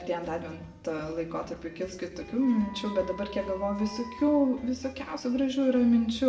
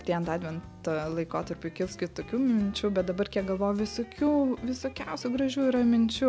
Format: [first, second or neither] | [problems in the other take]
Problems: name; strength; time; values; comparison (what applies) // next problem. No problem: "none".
second | background sound (Wind instrument, woodwind instrument); 17 dB below the speech // room echo; dies away in 0.7 s